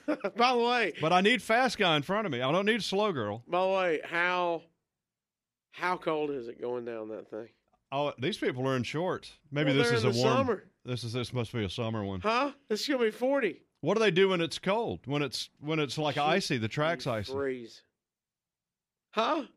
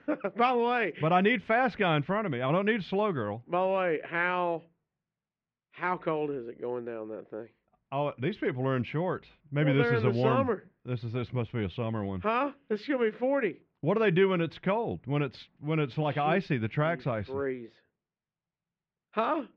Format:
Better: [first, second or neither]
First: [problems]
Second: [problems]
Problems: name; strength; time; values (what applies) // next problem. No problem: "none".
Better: first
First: none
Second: muffled; very; fading above 2.5 kHz